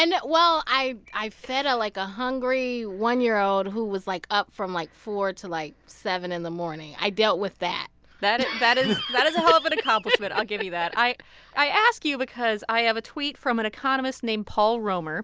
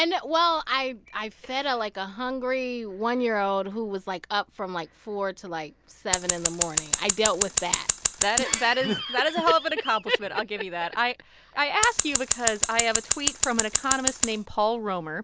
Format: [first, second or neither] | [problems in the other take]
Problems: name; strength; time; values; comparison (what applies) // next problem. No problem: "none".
first | background sound (Scissors); 1 dB above the speech